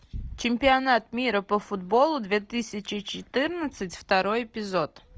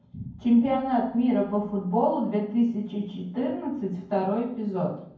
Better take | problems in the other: first | room echo; dies away in 0.9 s

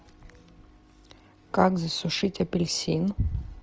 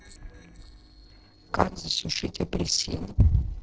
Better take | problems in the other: first | noise reduction (neural separator model SepFormer DNS4)

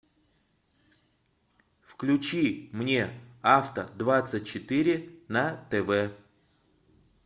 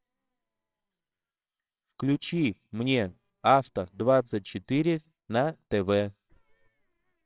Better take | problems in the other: first | noise reduction (neural separator model SepFormer WHAMR!)

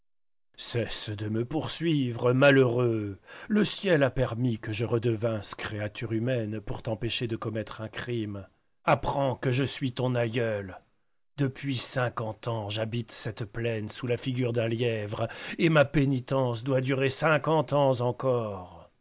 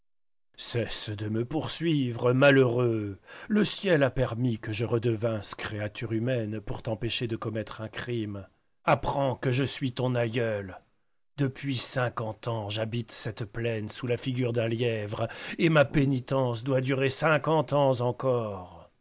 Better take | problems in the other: first | background sound (Brass instrument); 17 dB below the speech

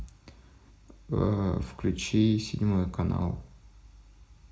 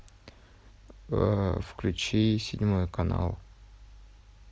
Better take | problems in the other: second | room echo; dies away in 0.3 s

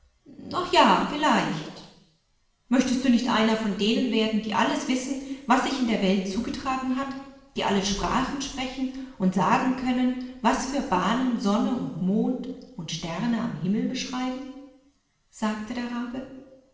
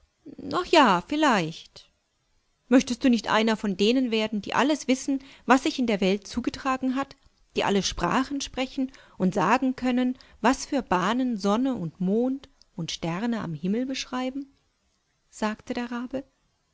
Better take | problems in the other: second | room echo; dies away in 1 s

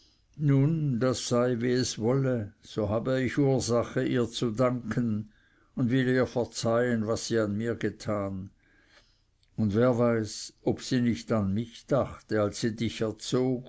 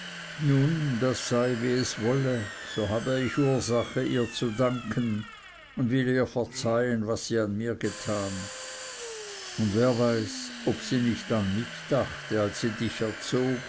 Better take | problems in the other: first | background sound (Domestic sounds, home sounds); 13 dB below the speech

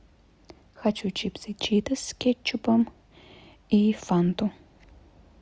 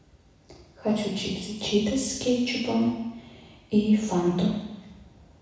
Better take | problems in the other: first | room echo; dies away in 1 s

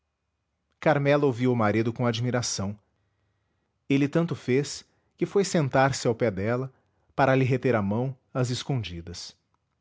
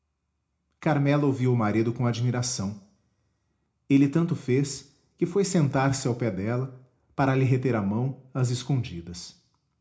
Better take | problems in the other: first | room echo; dies away in 0.4 s

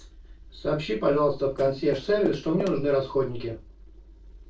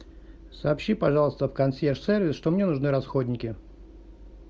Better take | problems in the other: second | noise reduction (neural separator model SepFormer DNS4)

